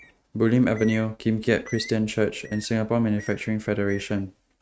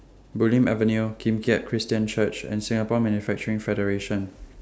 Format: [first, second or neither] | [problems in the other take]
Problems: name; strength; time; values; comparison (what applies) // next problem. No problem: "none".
second | noise reduction (neural mask model RNNoise)